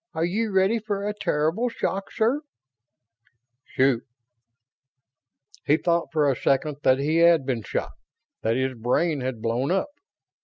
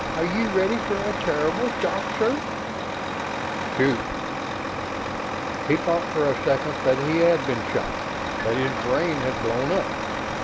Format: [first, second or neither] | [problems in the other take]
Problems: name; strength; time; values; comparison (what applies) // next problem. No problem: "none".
first | background sound (Truck); 2 dB below the speech